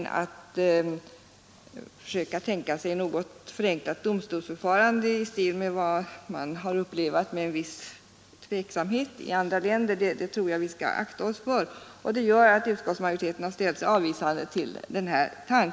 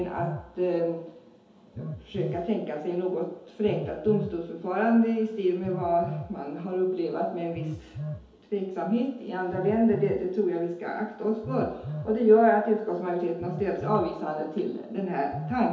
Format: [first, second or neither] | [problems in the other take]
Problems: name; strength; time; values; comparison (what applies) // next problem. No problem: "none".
first | background sound (Telephone); 13 dB below the speech // room echo; dies away in 2.2 s